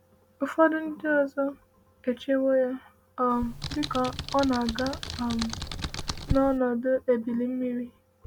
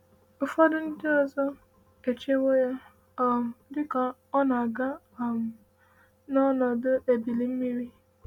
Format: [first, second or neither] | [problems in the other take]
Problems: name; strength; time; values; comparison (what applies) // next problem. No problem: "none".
second | background sound (Computer keyboard); 7 dB below the speech